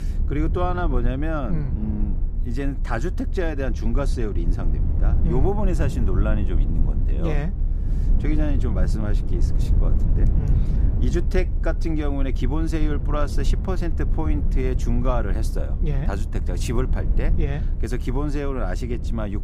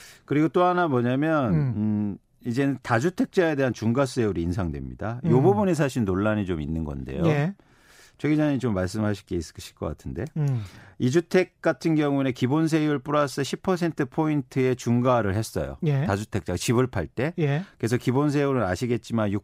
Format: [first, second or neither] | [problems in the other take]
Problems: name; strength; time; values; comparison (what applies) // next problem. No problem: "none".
second | low rumble; loud; throughout; 10 dB below the speech